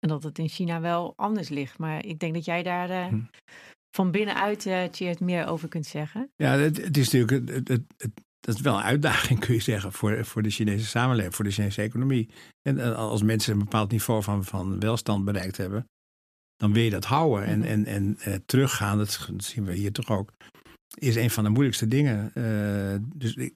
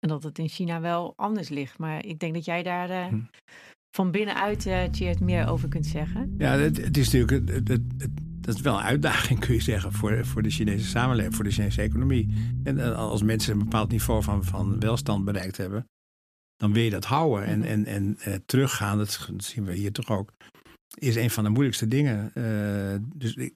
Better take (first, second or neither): first